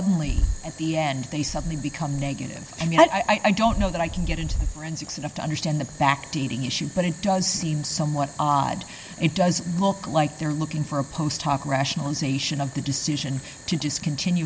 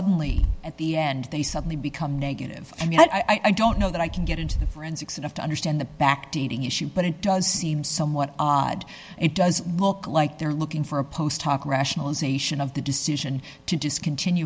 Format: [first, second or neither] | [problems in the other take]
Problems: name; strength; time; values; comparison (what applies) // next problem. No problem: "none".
second | background sound (Boiling); 18 dB below the speech